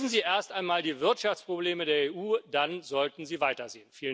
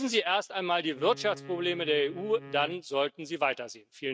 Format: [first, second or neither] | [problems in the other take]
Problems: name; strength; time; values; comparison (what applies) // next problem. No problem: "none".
first | noise reduction (neural mask model RNNoise)